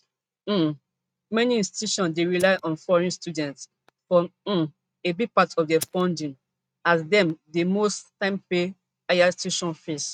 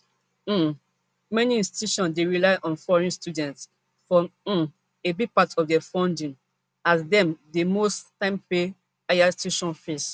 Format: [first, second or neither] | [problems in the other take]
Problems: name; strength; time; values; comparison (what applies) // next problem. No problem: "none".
second | noise reduction (neural mask model RNNoise)